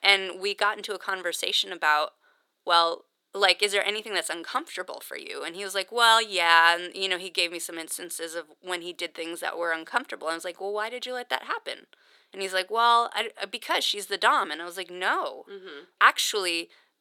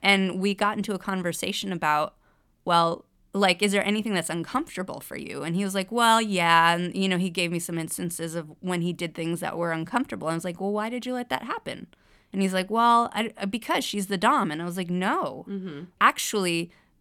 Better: second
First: thin; very; fading below 400 Hz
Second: none

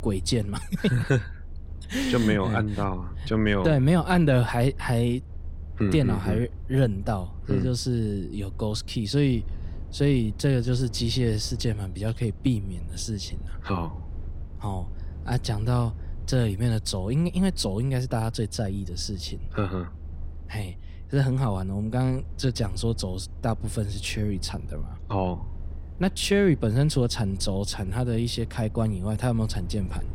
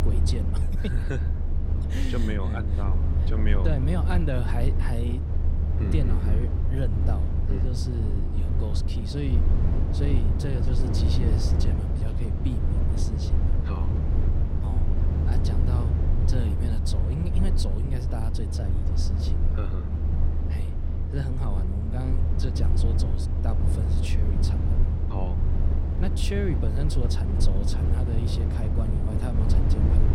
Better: first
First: low rumble; faint; throughout; 25 dB below the speech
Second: low rumble; loud; throughout; 1 dB below the speech

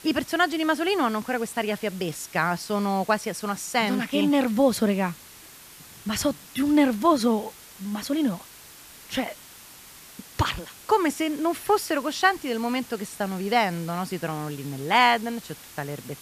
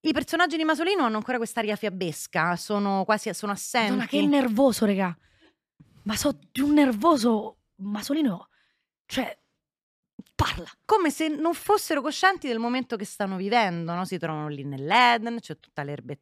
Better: second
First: hiss; noticeable; throughout; 20 dB below the speech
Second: none

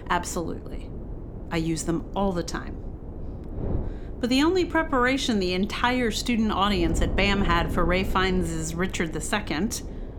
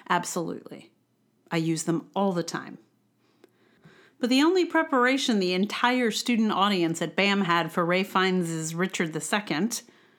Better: second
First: wind noise on the microphone; occasional gusts; 15 dB below the speech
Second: none

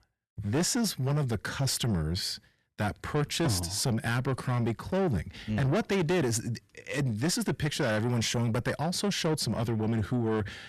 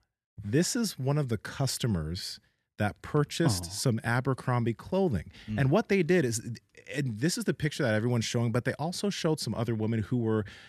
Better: second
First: distortion; heavy; 7 dB below the speech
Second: none

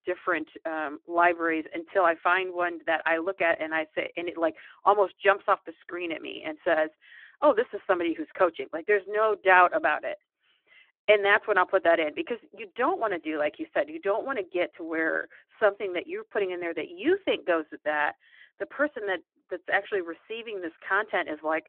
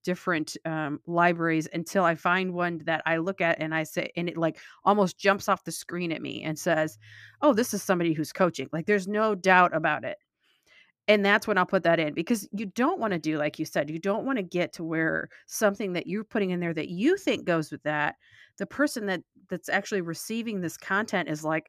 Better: second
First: phone-call audio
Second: none

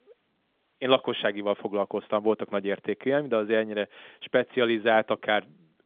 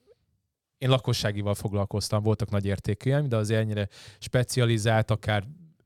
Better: second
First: phone-call audio; nothing above 3.5 kHz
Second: none

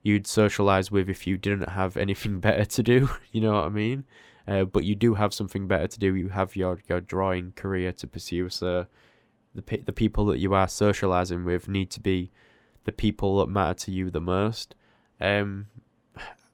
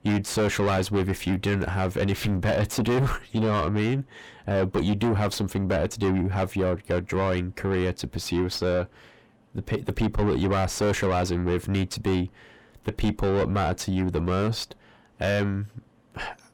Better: first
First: none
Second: distortion; heavy; 6 dB below the speech

